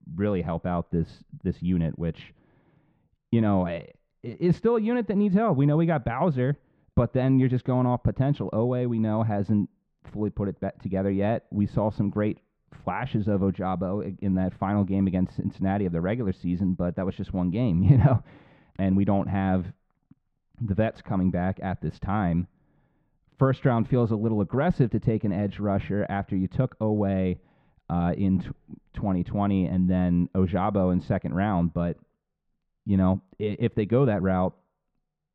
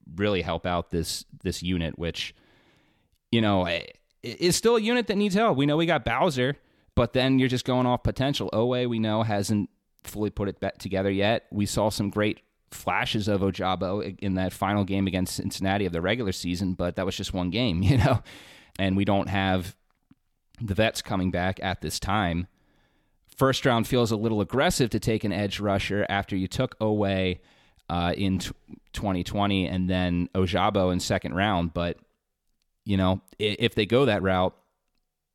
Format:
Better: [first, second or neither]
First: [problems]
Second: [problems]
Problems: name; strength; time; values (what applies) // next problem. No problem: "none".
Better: second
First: muffled; very; fading above 1.5 kHz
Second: none